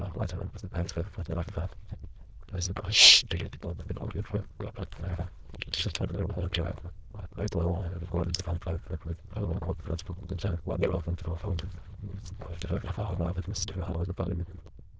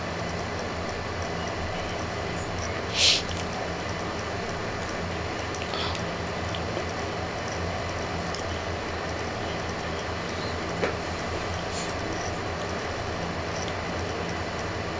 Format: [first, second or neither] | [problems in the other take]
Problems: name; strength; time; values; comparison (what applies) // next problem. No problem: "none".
second | noise reduction (neural diffusion model UNIVERSE++)